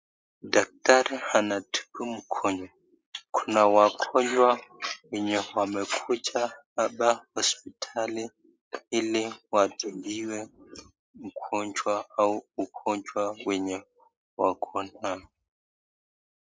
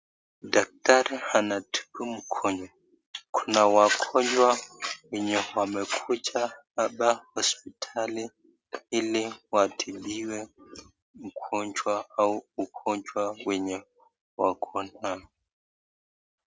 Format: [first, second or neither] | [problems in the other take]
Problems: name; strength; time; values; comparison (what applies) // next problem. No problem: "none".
second | noise reduction (neural mask model Resemble Enhance denoiser)